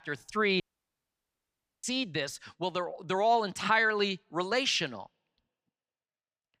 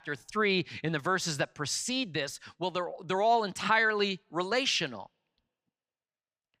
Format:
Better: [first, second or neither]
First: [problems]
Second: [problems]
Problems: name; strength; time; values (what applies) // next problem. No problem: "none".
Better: second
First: audio cutting out; at 0.5 s for 1 s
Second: none